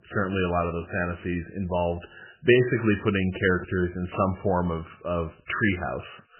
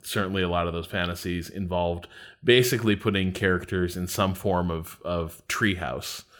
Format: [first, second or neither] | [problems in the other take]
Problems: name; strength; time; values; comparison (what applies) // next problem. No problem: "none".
second | garbled, watery; badly; nothing above 3 kHz